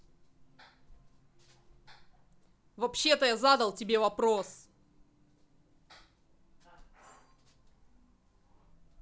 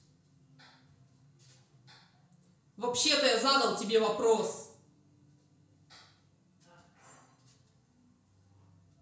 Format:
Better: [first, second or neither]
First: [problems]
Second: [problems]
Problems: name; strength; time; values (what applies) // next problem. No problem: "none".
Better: first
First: none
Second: room echo; dies away in 0.5 s